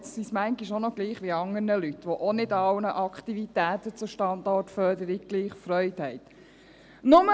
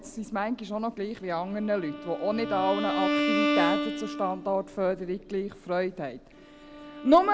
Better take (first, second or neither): first